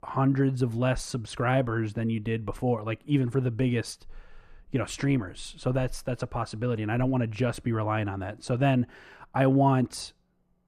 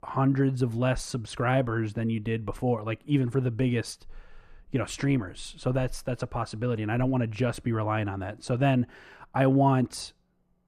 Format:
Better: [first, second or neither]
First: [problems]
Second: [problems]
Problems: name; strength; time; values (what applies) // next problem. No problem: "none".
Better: neither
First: muffled; slightly; fading above 2 kHz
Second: muffled; slightly; fading above 2 kHz